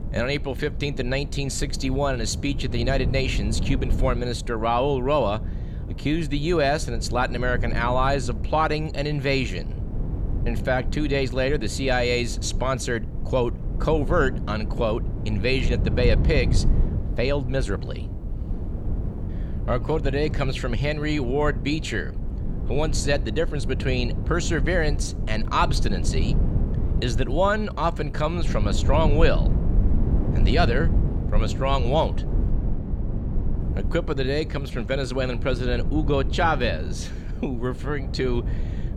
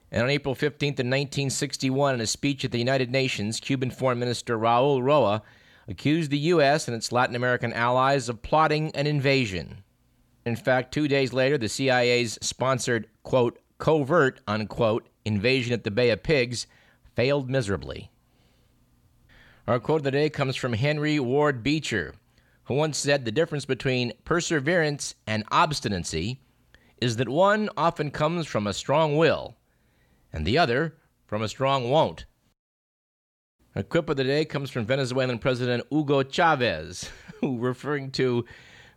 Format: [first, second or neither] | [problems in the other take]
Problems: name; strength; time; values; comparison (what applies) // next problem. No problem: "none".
second | low rumble; noticeable; throughout; 15 dB below the speech